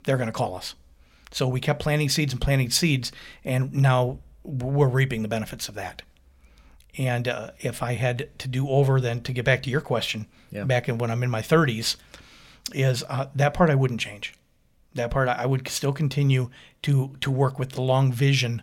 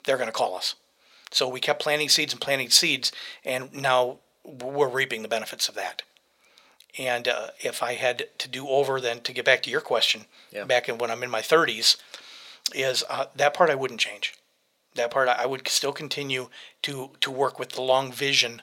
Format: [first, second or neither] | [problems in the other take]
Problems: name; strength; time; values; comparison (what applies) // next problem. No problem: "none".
first | thin; very; fading below 500 Hz